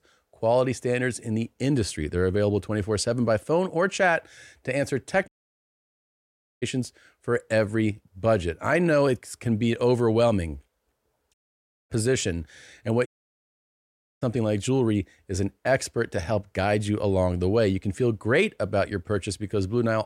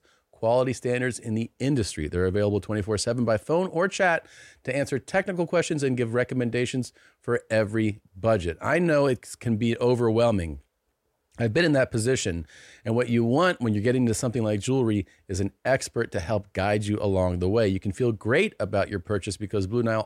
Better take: second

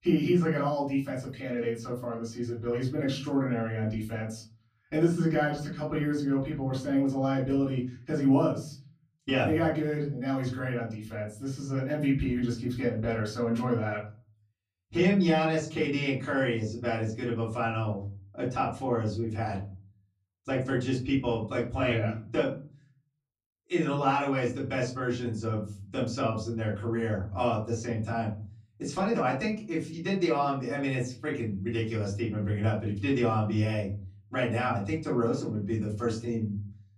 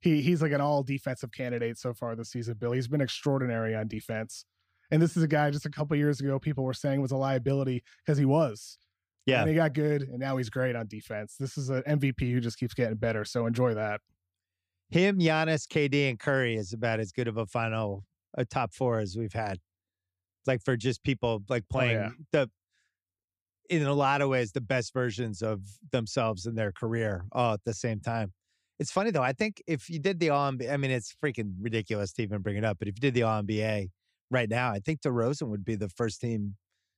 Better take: second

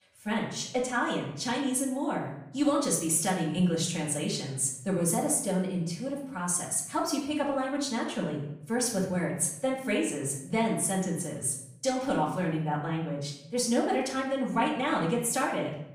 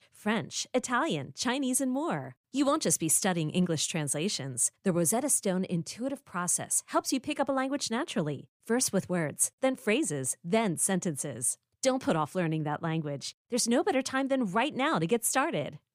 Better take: second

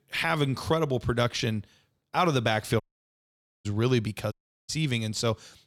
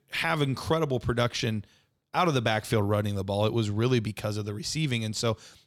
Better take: second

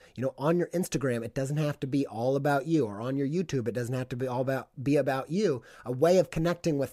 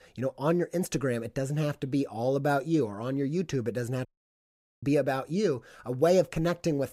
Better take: first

